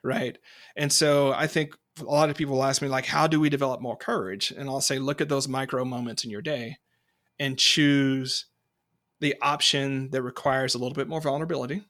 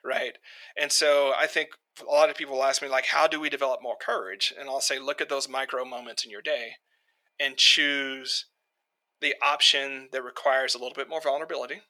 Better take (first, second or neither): first